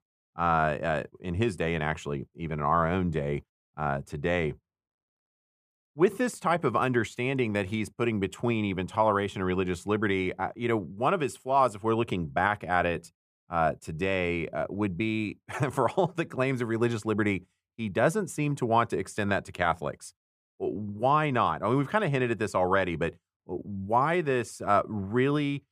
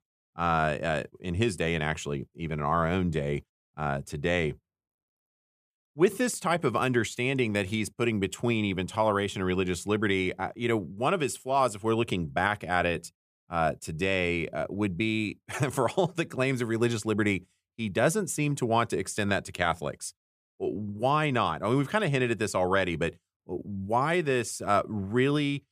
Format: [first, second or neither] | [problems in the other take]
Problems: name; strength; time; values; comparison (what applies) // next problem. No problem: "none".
second | muffled; slightly; fading above 3 kHz